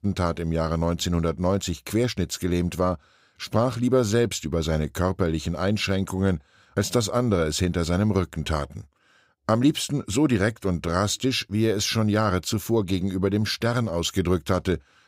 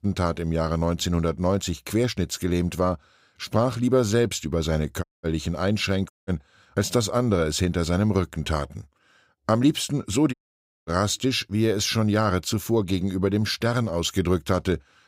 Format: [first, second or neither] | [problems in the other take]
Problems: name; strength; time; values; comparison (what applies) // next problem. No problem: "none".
first | audio cutting out; at 5 s, at 6 s and at 10 s for 0.5 s